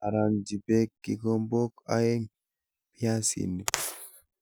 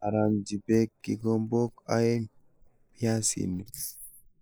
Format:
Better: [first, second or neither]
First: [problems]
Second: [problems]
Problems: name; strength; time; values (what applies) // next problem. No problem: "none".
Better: first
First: none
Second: noise reduction (neural mask model Resemble Enhance denoiser)